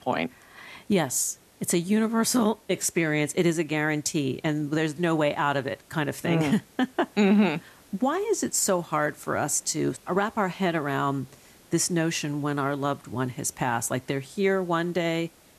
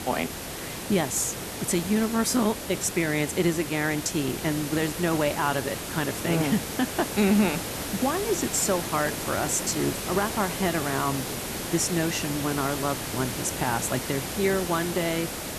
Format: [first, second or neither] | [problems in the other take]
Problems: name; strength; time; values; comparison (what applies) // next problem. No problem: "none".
first | hiss; loud; throughout; 5 dB below the speech; faint in the first